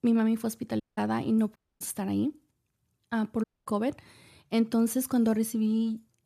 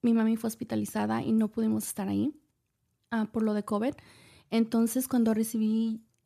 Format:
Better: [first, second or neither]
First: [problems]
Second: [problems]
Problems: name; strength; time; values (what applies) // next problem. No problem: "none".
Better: second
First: audio cutting out; at 1 s, at 1.5 s and at 3.5 s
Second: none